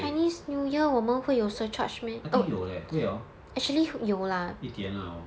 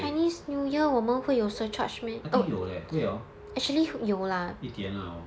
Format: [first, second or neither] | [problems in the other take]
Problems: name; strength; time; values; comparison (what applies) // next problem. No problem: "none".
first | background sound (Alarm); 20 dB below the speech